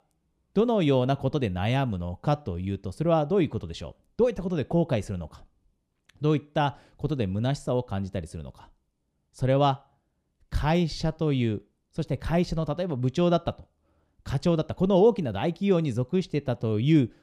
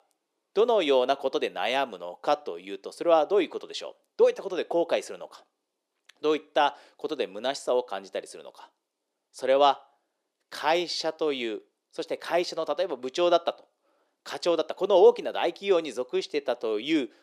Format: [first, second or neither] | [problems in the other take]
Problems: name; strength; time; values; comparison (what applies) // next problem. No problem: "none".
first | thin; very; fading below 400 Hz